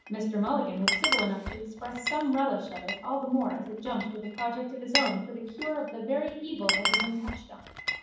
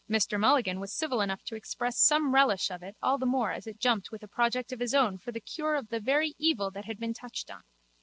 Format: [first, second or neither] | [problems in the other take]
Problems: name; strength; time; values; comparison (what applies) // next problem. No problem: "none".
second | background sound (Glass); 2 dB below the speech // room echo; dies away in 1.2 s